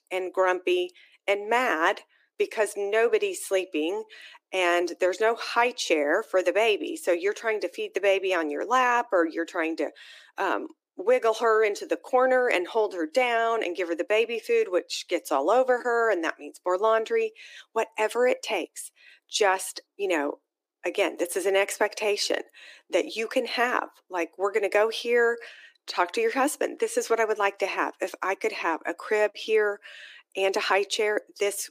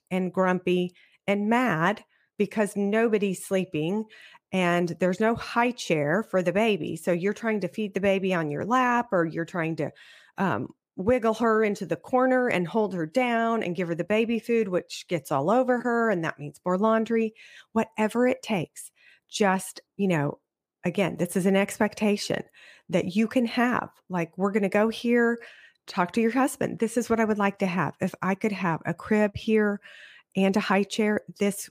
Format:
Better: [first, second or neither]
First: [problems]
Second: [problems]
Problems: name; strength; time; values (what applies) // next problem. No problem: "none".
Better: second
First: thin; very; fading below 300 Hz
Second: none